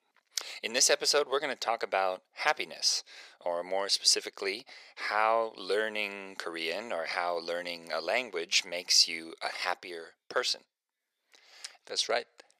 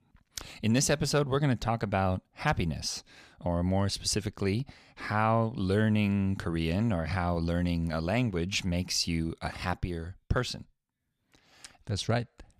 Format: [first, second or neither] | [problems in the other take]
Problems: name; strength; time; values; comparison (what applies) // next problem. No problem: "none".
second | thin; very; fading below 450 Hz